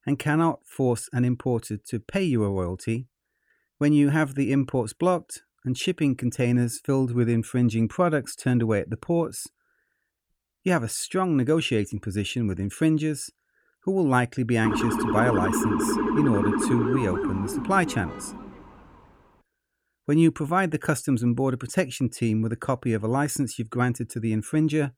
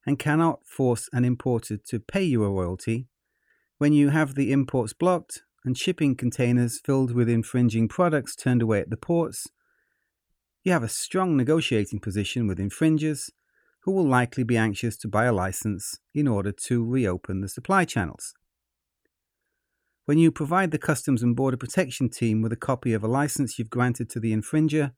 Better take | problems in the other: second | siren; loud; from 15 to 18 s; peak 1 dB above the speech

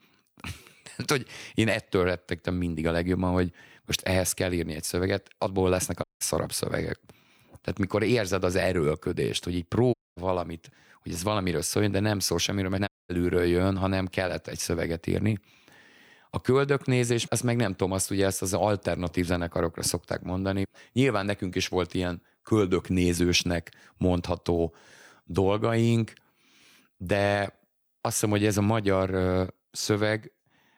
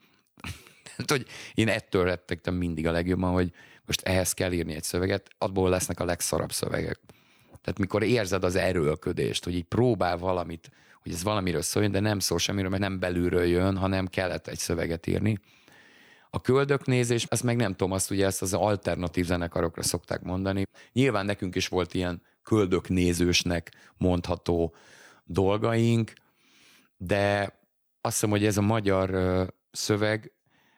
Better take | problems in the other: second | audio cutting out; at 6 s, at 10 s and at 13 s

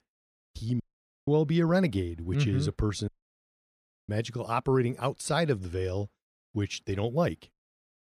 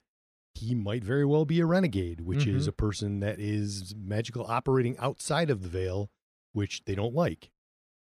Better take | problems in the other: second | audio cutting out; at 1 s and at 3 s for 1 s

